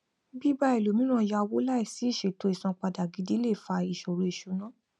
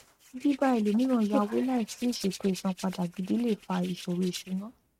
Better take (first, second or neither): first